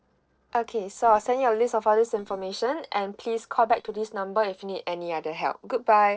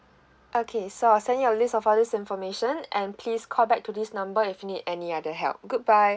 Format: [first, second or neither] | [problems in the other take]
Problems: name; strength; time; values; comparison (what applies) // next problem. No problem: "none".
second | noise reduction (neural separator model SepFormer DNS4)